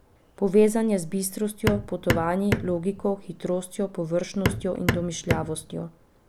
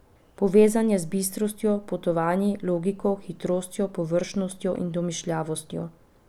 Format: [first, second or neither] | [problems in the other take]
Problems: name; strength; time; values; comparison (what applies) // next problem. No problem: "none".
second | background sound (Hammer); 2 dB below the speech